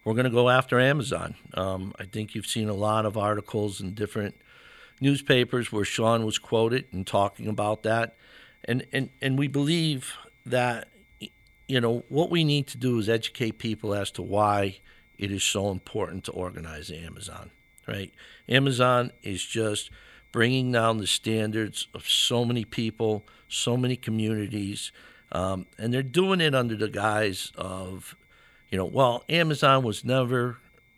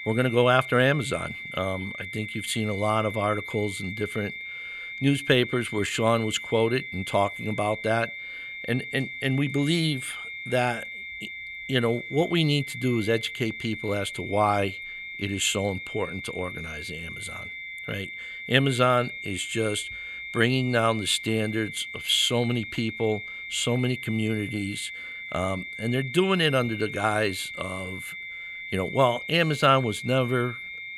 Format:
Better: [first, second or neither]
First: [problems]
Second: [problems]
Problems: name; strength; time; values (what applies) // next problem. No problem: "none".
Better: first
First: high-pitched whine; faint; throughout; 2 kHz, 35 dB below the speech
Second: high-pitched whine; loud; throughout; 2 kHz, 9 dB below the speech